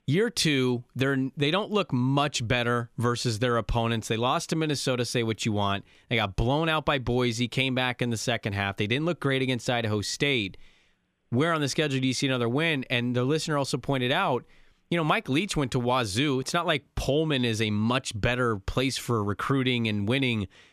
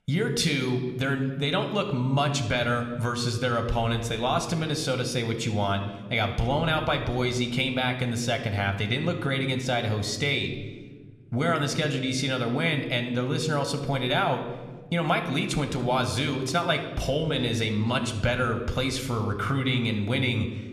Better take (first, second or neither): first